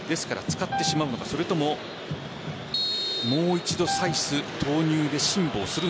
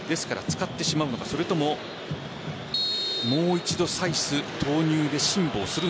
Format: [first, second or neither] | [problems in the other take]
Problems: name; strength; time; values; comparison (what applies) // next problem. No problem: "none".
second | background sound (Piano); 9 dB below the speech